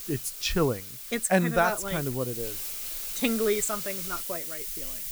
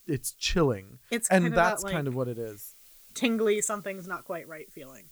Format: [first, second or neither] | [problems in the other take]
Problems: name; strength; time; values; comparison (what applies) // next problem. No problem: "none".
second | hiss; loud; throughout; 5 dB below the speech; faint in the second